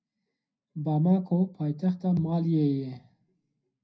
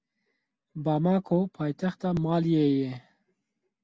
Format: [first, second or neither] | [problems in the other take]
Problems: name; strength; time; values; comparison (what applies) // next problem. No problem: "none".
second | room echo; dies away in 0.4 s